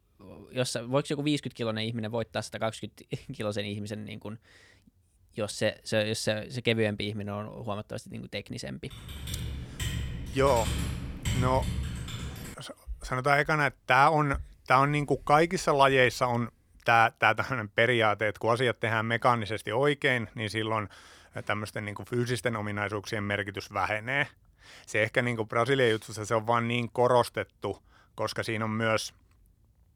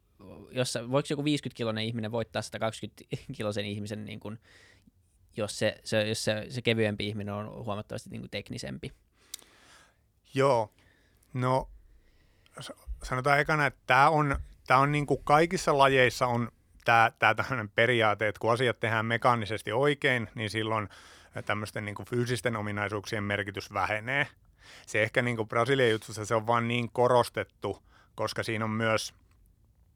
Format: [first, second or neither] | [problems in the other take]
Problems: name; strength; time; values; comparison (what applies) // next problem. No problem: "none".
second | keyboard typing; noticeable; from 9 to 13 s; peak 3 dB below the speech